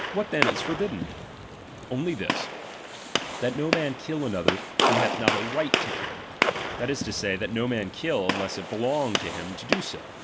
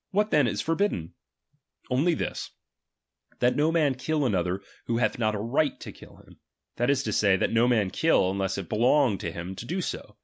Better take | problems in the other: second | background sound (Gunshot, gunfire); 1 dB above the speech

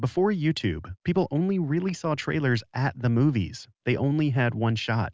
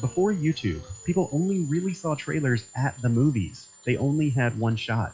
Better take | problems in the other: first | noise reduction (classical method log-MMSE)

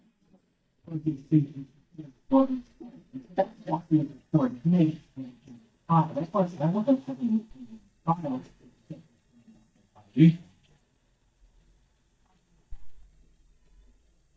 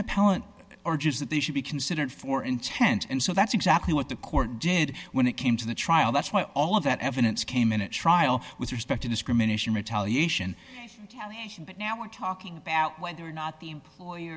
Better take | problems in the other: second | noise reduction (neural mask model DeepFilterNet 3)

